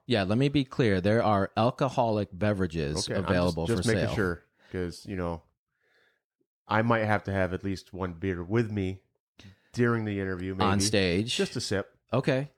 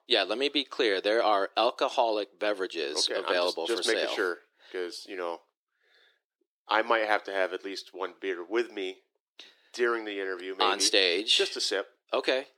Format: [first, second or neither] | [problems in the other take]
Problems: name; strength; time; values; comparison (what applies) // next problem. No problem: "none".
first | thin; very; fading below 350 Hz